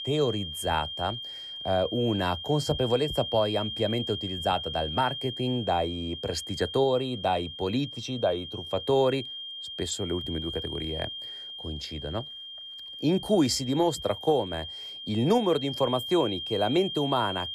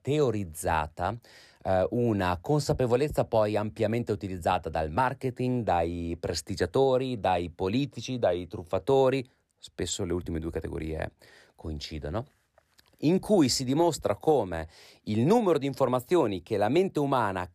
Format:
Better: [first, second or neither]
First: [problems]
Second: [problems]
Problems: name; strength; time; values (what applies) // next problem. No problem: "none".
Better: second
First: high-pitched whine; loud; throughout; 3 kHz, 7 dB below the speech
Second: none